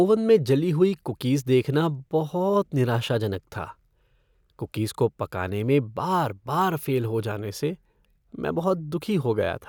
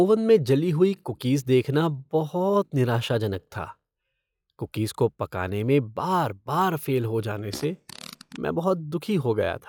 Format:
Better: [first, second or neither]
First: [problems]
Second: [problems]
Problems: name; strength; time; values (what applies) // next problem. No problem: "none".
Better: first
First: none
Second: noise reduction (classical method log-MMSE)